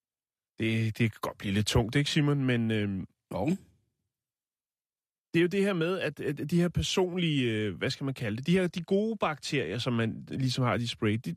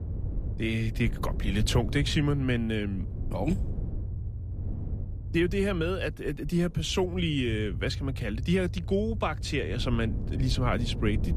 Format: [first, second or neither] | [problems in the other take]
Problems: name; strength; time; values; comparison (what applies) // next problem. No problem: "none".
first | low rumble; noticeable; throughout; 15 dB below the speech